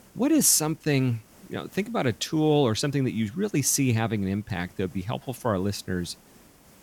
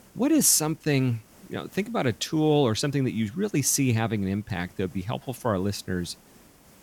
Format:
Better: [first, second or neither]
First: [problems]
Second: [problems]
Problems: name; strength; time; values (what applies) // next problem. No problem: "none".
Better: neither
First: hiss; faint; throughout; 30 dB below the speech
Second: hiss; faint; throughout; 30 dB below the speech